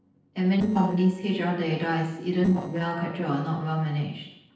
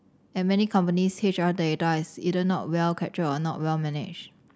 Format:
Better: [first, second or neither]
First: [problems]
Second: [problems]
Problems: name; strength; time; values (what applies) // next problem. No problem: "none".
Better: second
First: noise reduction (neural separator model SepFormer DNS4)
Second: none